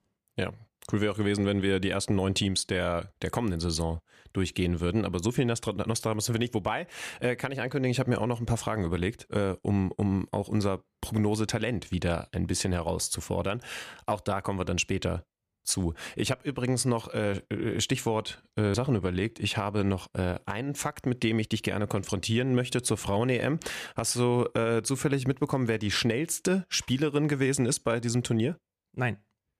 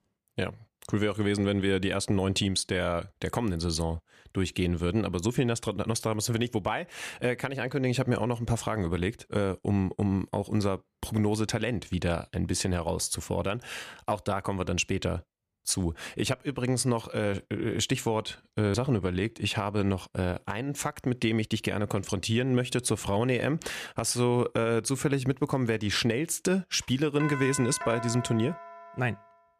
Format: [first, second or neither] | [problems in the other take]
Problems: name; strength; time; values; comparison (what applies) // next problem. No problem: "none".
first | doorbell; noticeable; from 27 s on; peak 6 dB below the speech